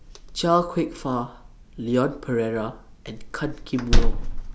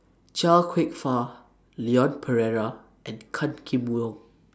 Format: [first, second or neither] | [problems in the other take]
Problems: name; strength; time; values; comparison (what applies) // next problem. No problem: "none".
second | background sound (Slam); 2 dB above the speech